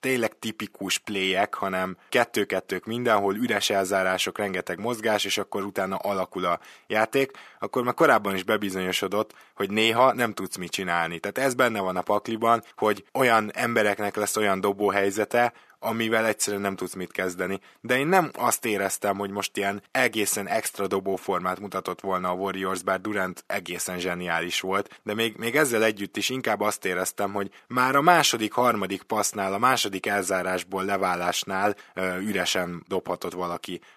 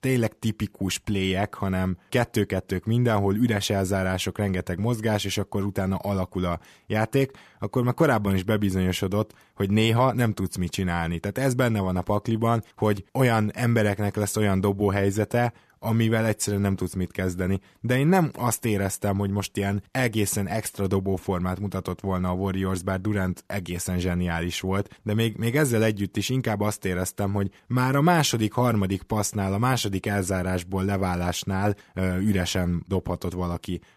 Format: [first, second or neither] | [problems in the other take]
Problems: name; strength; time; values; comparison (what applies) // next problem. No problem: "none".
second | thin; somewhat; fading below 350 Hz